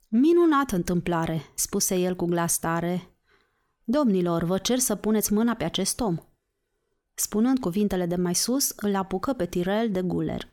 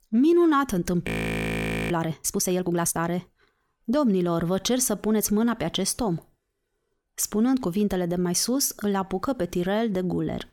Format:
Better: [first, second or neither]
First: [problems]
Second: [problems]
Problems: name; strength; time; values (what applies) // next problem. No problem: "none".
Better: first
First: none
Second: audio freezing; at 1 s for 1 s